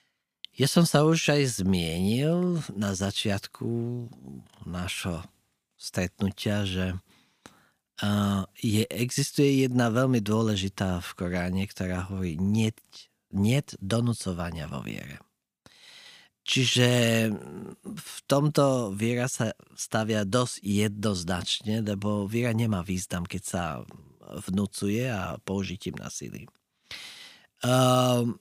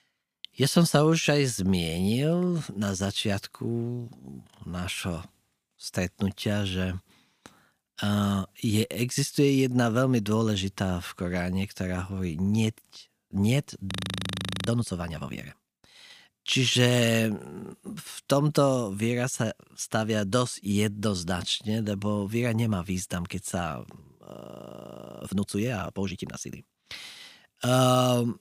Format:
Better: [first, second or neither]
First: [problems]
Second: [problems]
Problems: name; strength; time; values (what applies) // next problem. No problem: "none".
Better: first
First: none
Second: audio freezing; at 14 s for 1 s and at 24 s for 1 s